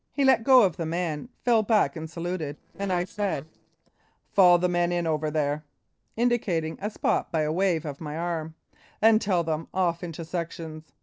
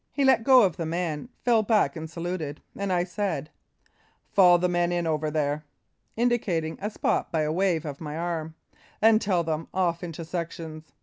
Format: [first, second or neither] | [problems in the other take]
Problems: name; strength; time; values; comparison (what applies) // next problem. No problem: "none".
second | noise reduction (neural separator model SepFormer DNS4)